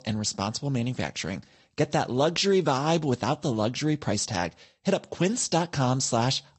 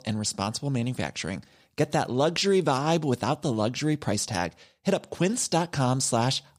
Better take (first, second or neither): second